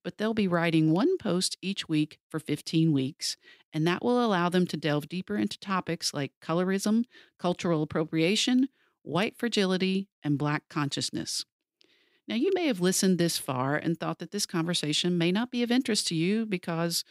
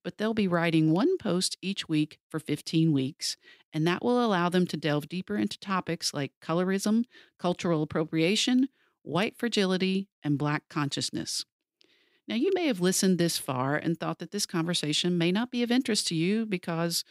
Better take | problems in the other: neither | none

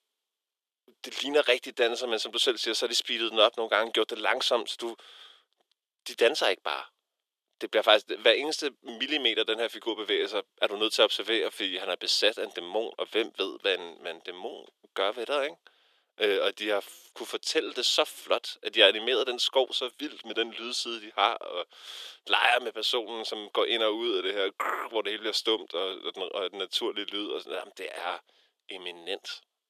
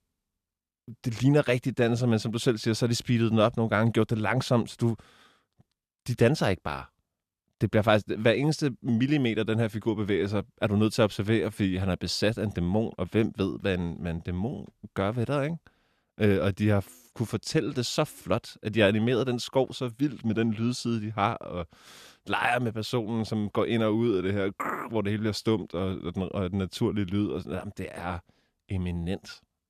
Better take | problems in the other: second | thin; very; fading below 400 Hz

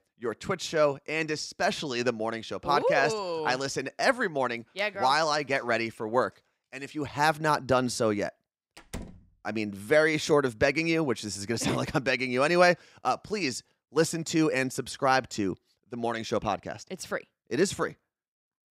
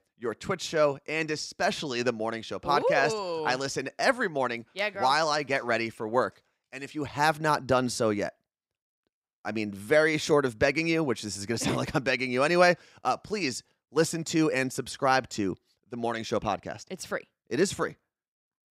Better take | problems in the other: second | door banging; faint; at 9 s; peak 15 dB below the speech

